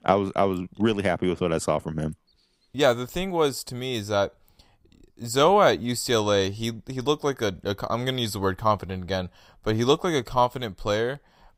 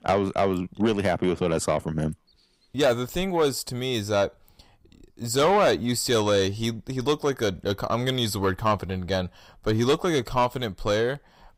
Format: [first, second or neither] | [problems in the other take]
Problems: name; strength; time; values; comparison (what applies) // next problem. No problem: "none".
first | distortion; slight; 10 dB below the speech